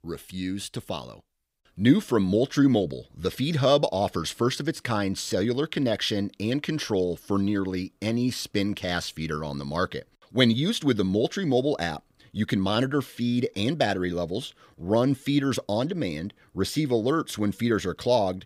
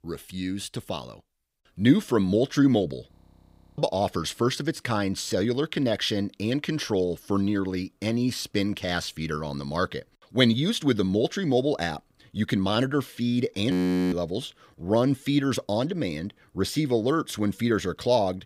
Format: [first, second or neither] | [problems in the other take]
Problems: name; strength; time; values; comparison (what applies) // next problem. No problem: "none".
first | audio freezing; at 3 s for 0.5 s and at 14 s